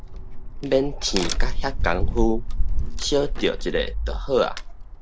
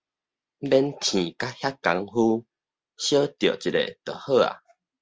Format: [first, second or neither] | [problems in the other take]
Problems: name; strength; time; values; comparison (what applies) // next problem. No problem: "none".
second | background sound (Crack); 3 dB above the speech